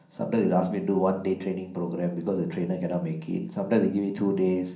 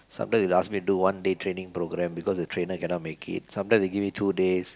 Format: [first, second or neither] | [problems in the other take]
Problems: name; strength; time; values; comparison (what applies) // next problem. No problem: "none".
second | room echo; dies away in 0.6 s